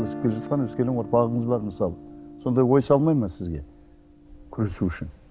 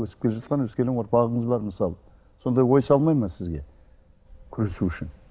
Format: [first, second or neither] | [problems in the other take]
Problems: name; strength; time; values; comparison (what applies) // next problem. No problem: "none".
second | background sound (Guitar); 15 dB below the speech